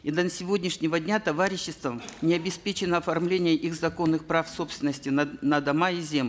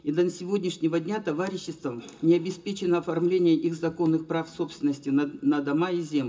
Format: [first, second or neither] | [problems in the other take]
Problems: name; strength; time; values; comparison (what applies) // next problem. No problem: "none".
first | room echo; dies away in 0.2 s